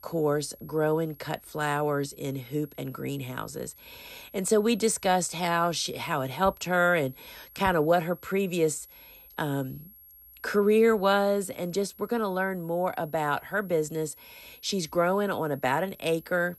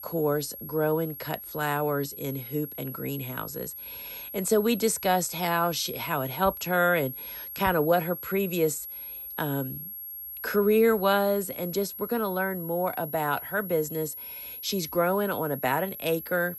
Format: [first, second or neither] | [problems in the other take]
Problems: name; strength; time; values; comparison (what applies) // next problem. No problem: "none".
first | high-pitched whine; loud; throughout; 11.5 kHz, 9 dB below the speech; faint in the first